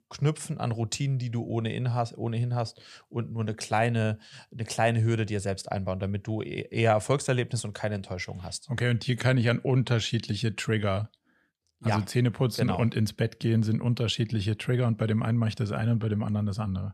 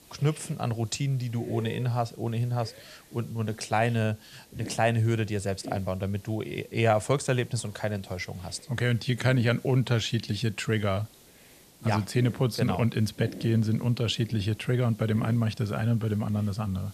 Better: first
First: none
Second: hiss; noticeable; throughout; 20 dB below the speech

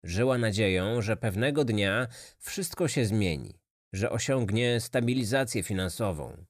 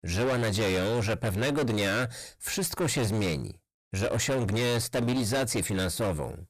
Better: first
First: none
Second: distortion; heavy; 28% of the sound clipped

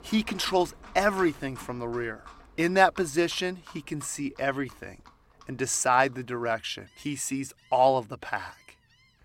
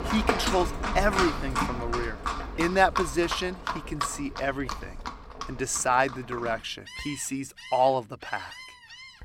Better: first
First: animal sounds; faint; throughout; 25 dB below the speech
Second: animal sounds; loud; throughout; 5 dB below the speech

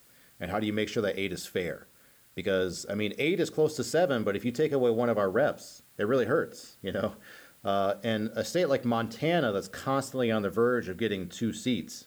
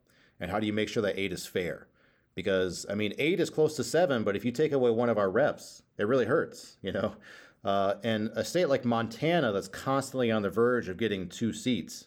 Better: second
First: hiss; faint; throughout; 30 dB below the speech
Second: none

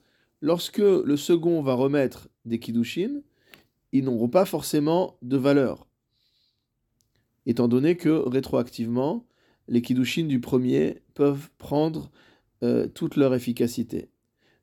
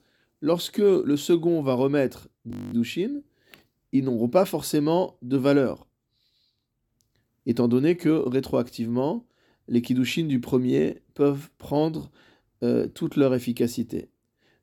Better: first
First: none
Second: audio freezing; at 2.5 s

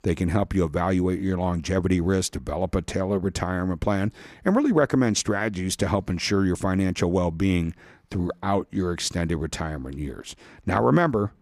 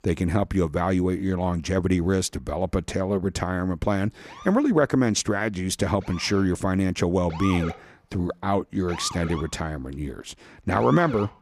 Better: first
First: none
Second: siren; noticeable; from 4.5 s on; peak 8 dB below the speech

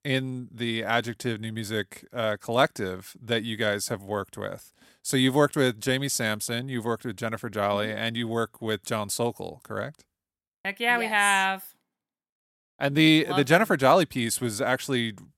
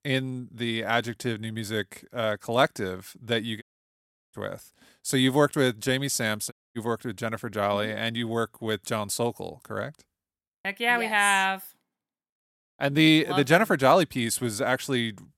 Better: first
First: none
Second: audio cutting out; at 3.5 s for 0.5 s and at 6.5 s

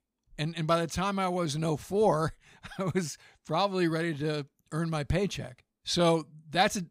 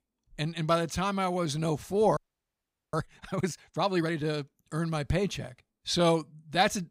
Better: first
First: none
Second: audio freezing; at 2 s for 1 s

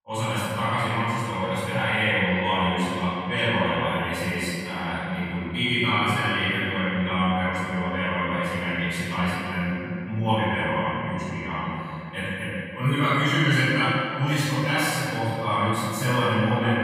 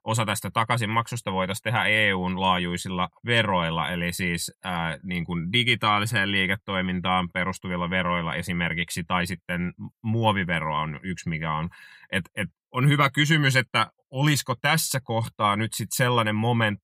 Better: second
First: room echo; strong; dies away in 2.5 s // off-mic speech; far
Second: none

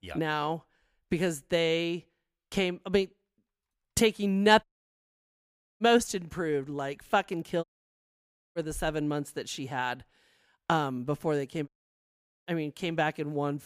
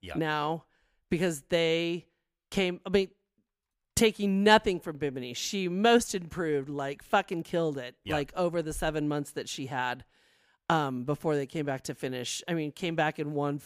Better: second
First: audio cutting out; at 4.5 s for 1 s, at 7.5 s for 1 s and at 12 s for 1 s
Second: none

